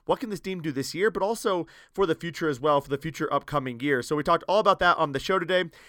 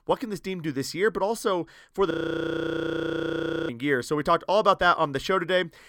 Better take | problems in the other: first | audio freezing; at 2 s for 1.5 s

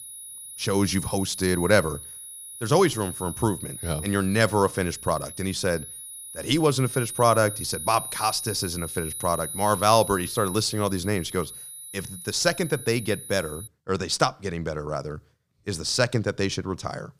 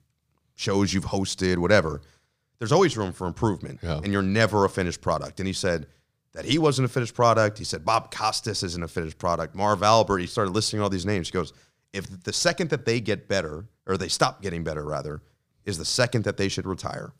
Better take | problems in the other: second | high-pitched whine; loud; until 14 s; 10.5 kHz, 9 dB below the speech

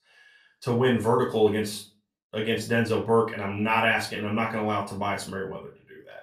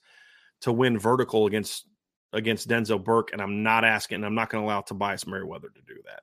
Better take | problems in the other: second | off-mic speech; far // room echo; very slight; dies away in 0.3 s

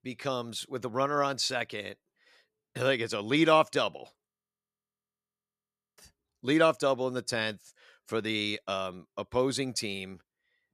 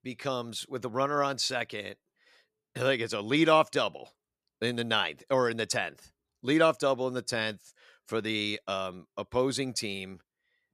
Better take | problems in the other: second | audio freezing; at 4.5 s for 1.5 s

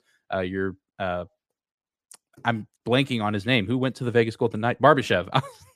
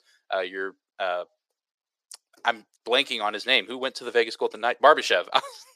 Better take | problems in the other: first | thin; very; fading below 450 Hz

